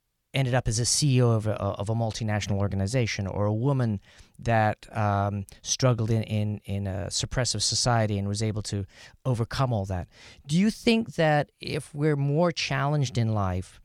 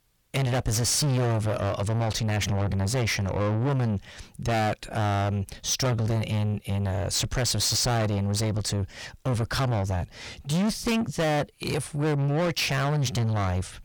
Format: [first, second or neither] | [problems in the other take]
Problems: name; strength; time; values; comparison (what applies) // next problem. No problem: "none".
first | distortion; heavy; 6 dB below the speech